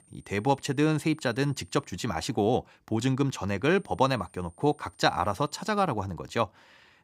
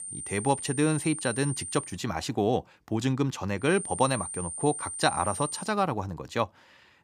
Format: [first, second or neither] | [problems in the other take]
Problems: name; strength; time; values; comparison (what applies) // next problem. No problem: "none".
first | high-pitched whine; loud; until 2 s and from 3.5 to 5.5 s; 9 kHz, 6 dB below the speech; faint in the first